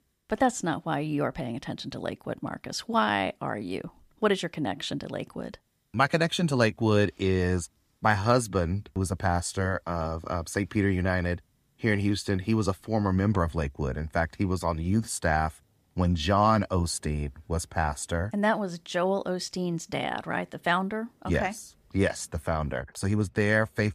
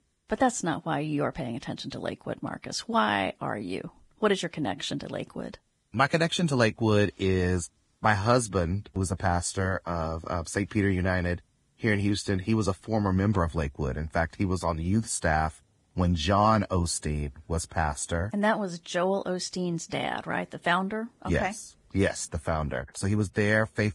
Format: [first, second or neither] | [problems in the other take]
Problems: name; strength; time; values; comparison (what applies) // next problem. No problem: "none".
first | garbled, watery; badly; nothing above 10 kHz